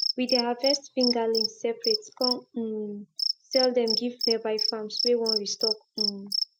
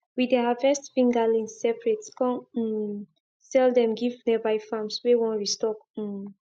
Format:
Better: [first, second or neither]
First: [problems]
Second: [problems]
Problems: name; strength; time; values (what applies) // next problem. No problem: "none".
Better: second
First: noise reduction (neural mask model Resemble Enhance denoiser)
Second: none